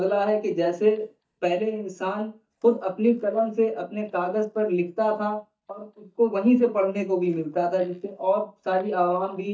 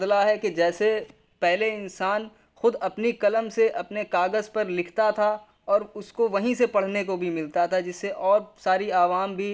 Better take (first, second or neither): second